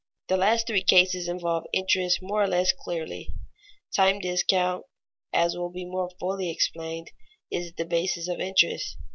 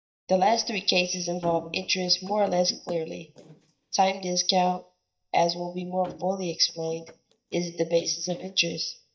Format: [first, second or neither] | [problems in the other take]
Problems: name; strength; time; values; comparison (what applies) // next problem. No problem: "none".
first | noise reduction (neural mask model DeepFilterNet 3)